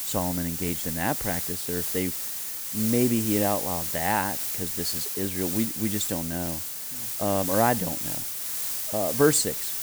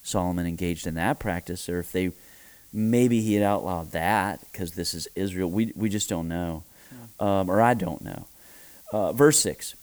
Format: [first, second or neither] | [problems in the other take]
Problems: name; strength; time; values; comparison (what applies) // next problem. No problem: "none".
second | hiss; loud; throughout; 1 dB below the speech; faint in the second